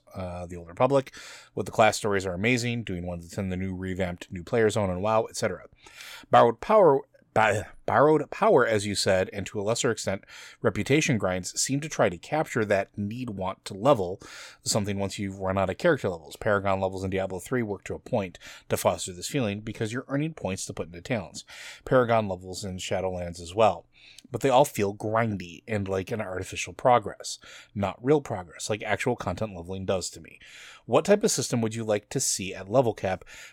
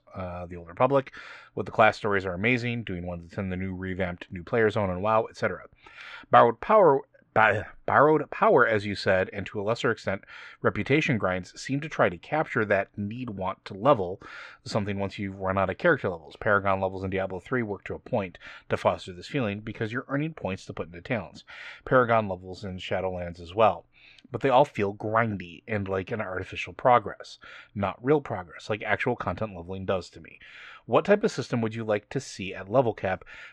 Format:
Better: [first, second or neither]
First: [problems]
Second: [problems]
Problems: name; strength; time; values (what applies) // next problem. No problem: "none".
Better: first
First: none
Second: muffled; slightly; fading above 2.5 kHz